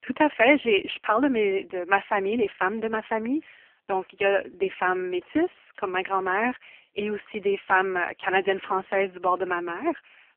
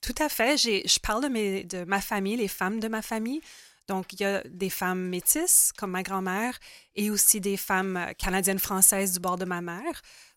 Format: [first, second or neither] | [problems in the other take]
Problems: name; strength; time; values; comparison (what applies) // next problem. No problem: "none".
second | phone-call audio; poor line; nothing above 3 kHz